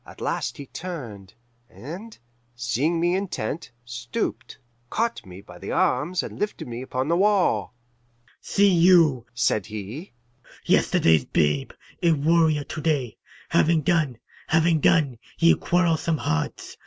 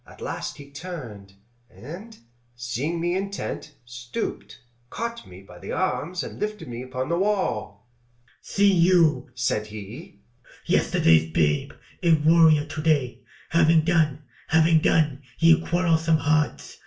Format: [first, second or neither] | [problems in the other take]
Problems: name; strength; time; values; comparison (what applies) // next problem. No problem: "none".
first | room echo; dies away in 0.3 s